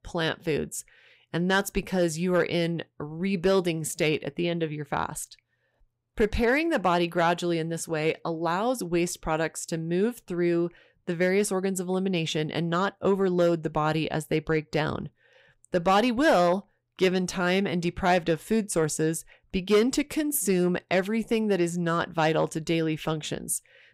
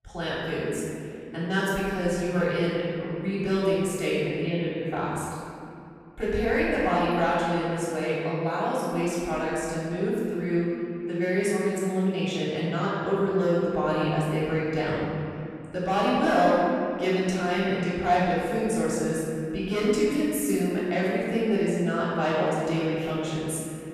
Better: first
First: none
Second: off-mic speech; far // room echo; strong; dies away in 2.5 s

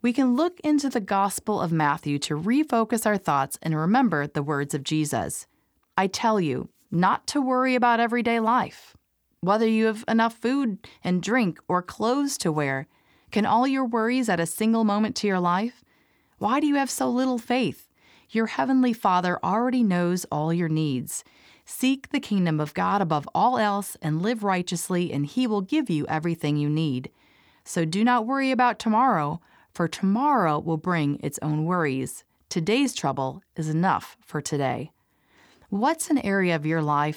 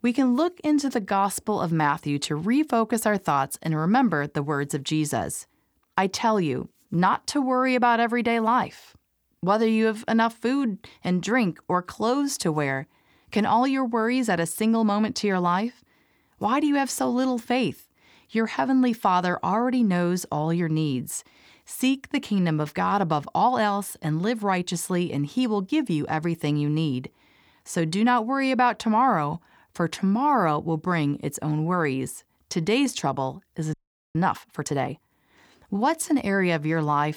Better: first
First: none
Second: audio freezing; at 34 s

